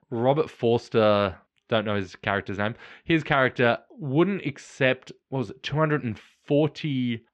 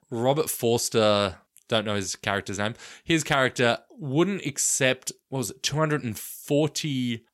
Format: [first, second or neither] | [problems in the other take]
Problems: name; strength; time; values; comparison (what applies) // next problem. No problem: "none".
second | muffled; very; fading above 3 kHz